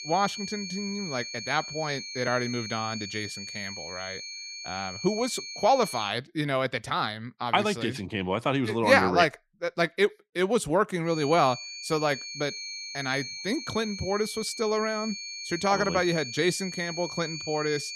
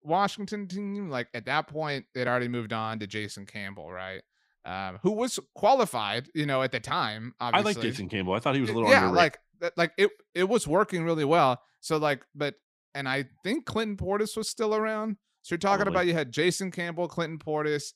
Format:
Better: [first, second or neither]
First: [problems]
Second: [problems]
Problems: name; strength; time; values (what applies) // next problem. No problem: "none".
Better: second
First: high-pitched whine; loud; until 6 s and from 11 s on; 4.5 kHz, 8 dB below the speech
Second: none